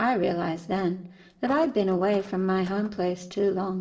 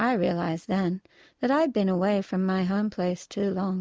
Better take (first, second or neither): second